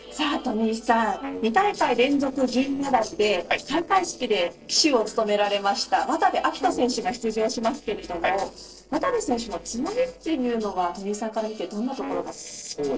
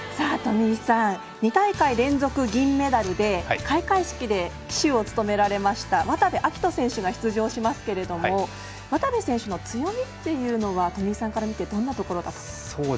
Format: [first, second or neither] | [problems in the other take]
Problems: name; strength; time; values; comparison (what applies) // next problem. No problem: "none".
second | noise reduction (neural separator model SepFormer DNS4)